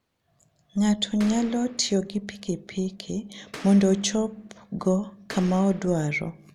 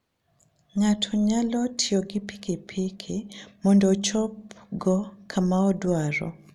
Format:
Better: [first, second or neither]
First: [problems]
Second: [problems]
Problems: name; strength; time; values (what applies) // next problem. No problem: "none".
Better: second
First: background sound (Boom); 18 dB below the speech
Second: none